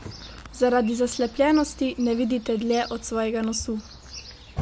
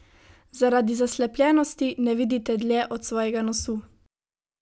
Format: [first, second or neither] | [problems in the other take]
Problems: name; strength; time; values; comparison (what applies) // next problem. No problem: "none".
second | background sound (Chirp, tweet); 15 dB below the speech